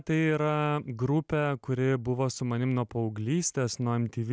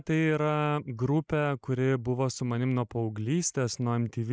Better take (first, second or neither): first